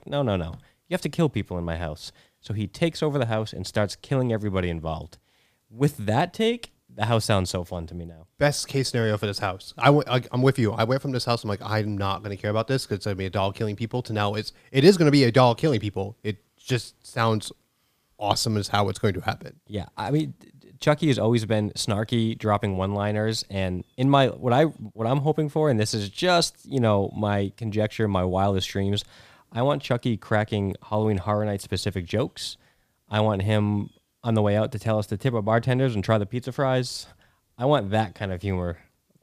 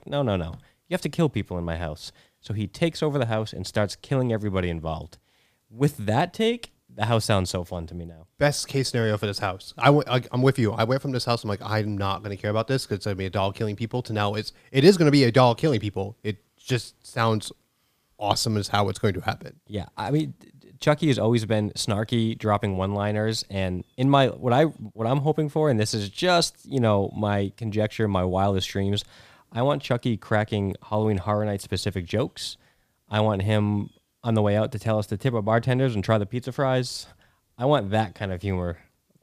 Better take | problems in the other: neither | none

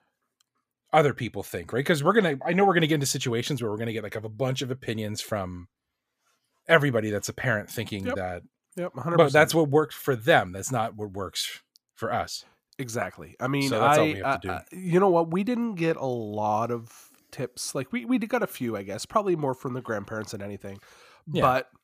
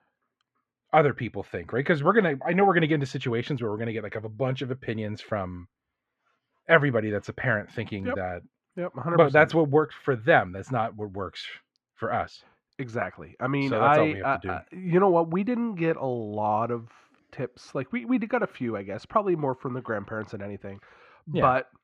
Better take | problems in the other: first | muffled; very; fading above 2 kHz

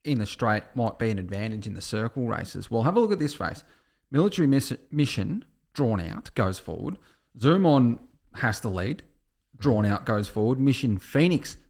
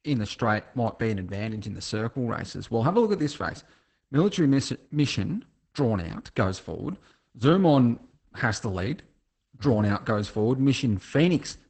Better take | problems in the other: first | garbled, watery; badly; nothing above 8 kHz; slightly in the first

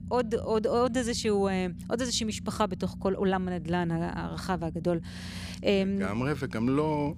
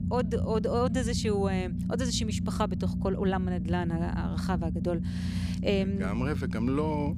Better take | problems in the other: first | low rumble; loud; throughout; 9 dB below the speech; faint in the first

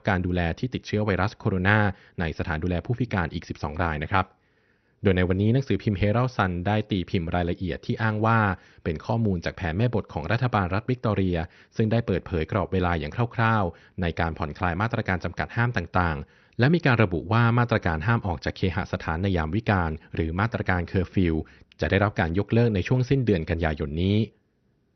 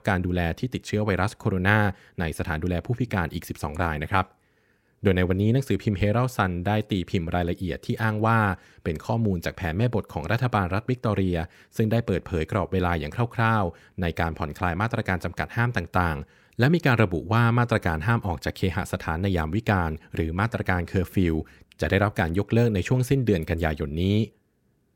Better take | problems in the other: second | garbled, watery; slightly; nothing above 6 kHz

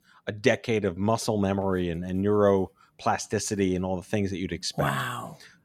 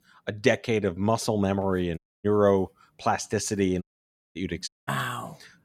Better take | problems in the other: first | audio cutting out; at 2 s, at 4 s for 0.5 s and at 4.5 s

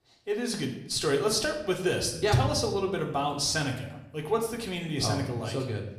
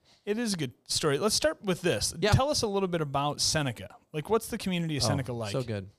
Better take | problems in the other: second | room echo; slight; dies away in 0.7 s // off-mic speech; somewhat distant

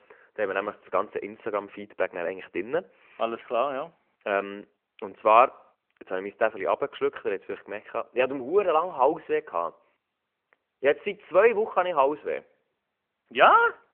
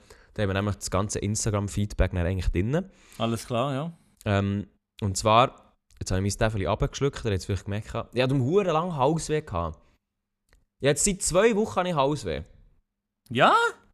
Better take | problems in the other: second | phone-call audio; nothing above 3 kHz

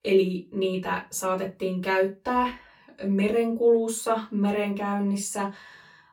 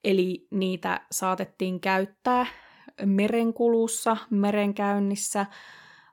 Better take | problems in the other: second | off-mic speech; far // room echo; very slight; dies away in 0.2 s

